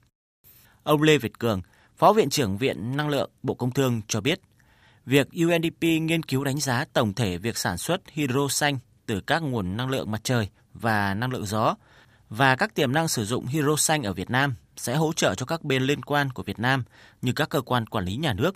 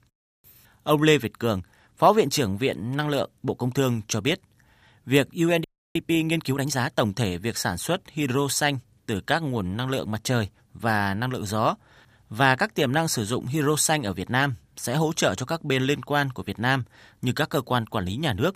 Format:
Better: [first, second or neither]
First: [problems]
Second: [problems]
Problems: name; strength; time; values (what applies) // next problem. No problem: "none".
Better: first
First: none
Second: audio freezing; at 5.5 s